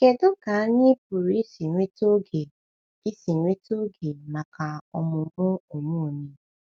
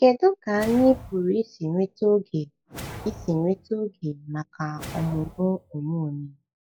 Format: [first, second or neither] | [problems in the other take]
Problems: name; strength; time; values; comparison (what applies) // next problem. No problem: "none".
first | noise reduction (classical method log-MMSE)